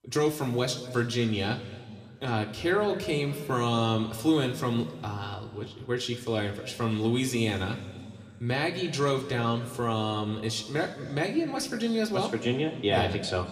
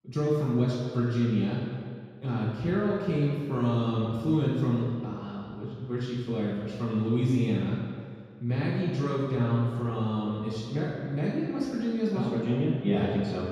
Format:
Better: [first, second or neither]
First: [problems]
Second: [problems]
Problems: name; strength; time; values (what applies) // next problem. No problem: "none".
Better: first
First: room echo; slight; dies away in 1.9 s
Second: room echo; strong; dies away in 2 s // off-mic speech; far